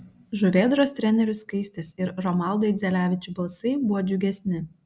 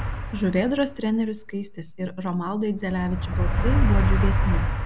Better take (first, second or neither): first